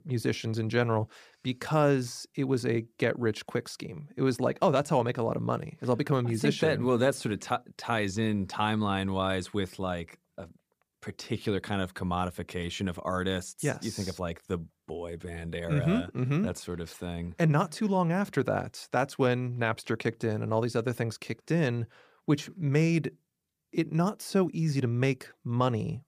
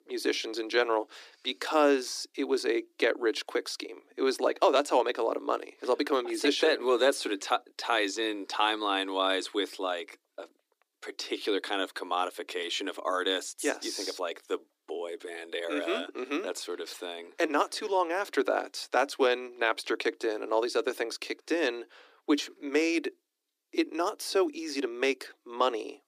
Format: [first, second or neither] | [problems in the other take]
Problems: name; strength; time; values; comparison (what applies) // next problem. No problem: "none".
first | thin; somewhat; fading below 300 Hz